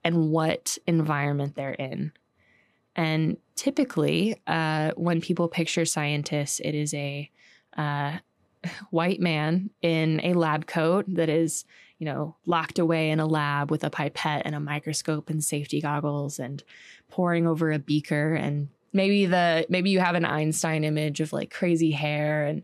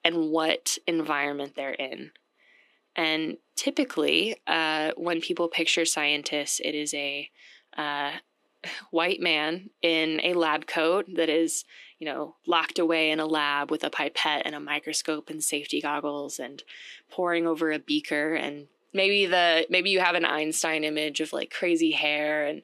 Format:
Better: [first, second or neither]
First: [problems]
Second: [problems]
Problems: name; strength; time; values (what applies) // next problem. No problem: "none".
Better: first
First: none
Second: thin; somewhat; fading below 300 Hz